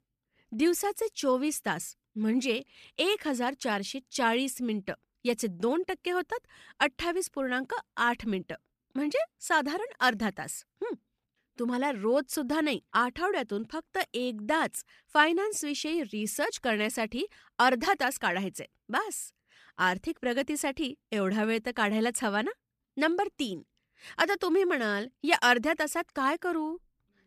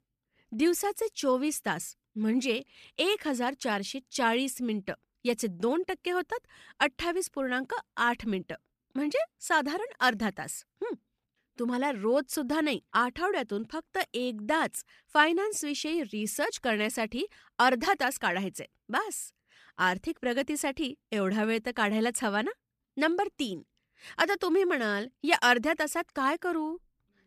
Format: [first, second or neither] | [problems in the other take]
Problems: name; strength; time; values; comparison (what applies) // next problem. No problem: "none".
neither | none